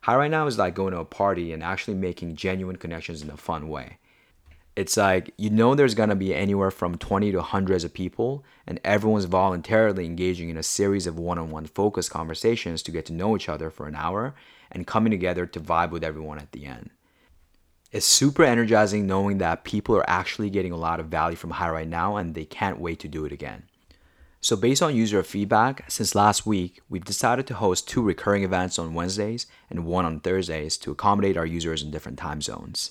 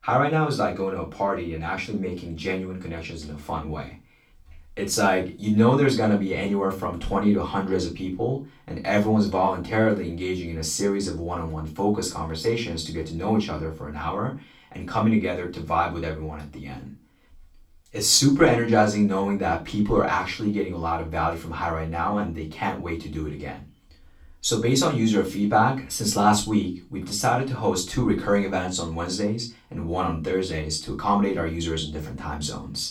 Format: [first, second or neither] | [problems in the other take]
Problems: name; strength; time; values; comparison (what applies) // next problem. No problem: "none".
first | off-mic speech; far // room echo; very slight; dies away in 0.2 s